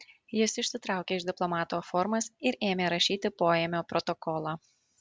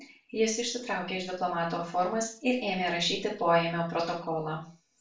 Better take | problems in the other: first | room echo; dies away in 0.4 s

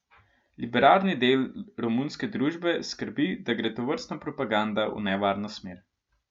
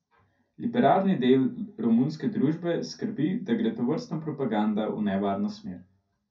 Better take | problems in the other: first | room echo; dies away in 0.3 s

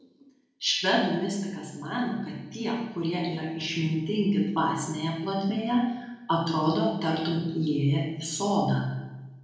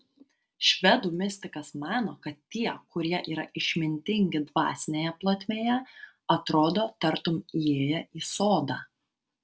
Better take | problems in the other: second | room echo; dies away in 0.9 s

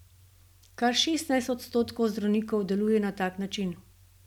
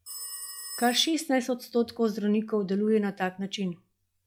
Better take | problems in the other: first | noise reduction (classical method log-MMSE)

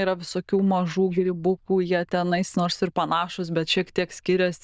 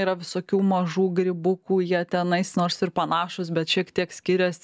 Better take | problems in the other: second | noise reduction (neural diffusion model UNIVERSE++)

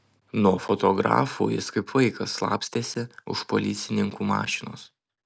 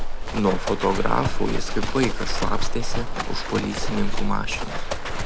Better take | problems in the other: first | background sound (Livestock, farm animals, working animals); 4 dB above the speech

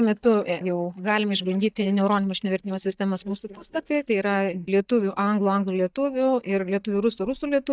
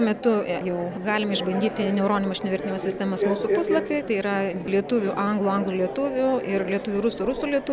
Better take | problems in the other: second | noise reduction (neural mask model DeepFilterNet 3)

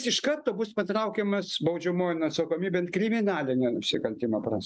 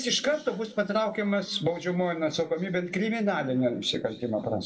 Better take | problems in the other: first | room echo; dies away in 1.2 s

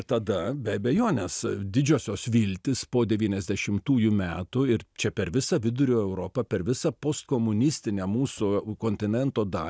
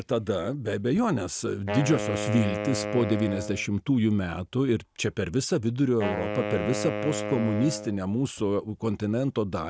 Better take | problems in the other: first | background sound (Wind instrument, woodwind instrument); 7 dB below the speech

